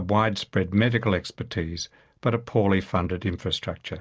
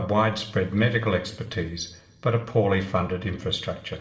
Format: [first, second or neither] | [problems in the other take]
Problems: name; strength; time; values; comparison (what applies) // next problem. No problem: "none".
first | room echo; dies away in 1.9 s